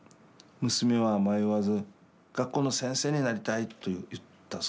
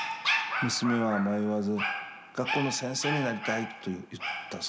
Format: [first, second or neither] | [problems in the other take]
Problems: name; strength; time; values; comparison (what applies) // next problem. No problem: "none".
first | background sound (Dog); 3 dB below the speech